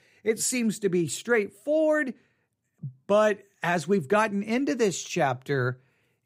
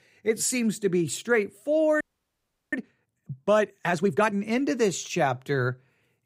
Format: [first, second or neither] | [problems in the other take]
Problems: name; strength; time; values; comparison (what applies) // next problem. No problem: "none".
first | audio freezing; at 2 s for 0.5 s